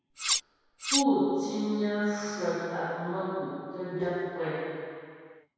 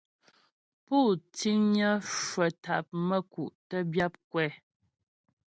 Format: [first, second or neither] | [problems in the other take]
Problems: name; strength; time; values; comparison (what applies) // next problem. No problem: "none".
second | background sound (Cutlery, silverware); as loud as the speech // room echo; dies away in 2.2 s